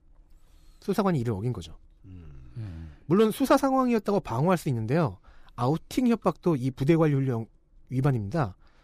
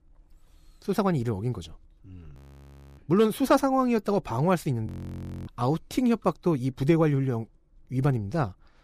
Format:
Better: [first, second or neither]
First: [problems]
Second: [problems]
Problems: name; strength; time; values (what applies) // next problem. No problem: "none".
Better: first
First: none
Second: audio freezing; at 2.5 s for 0.5 s and at 5 s for 0.5 s